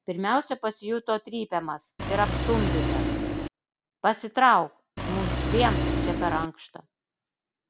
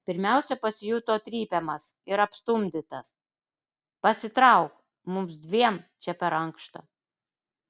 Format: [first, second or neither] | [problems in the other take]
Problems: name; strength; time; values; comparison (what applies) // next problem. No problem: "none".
second | background sound (Engine); 1 dB above the speech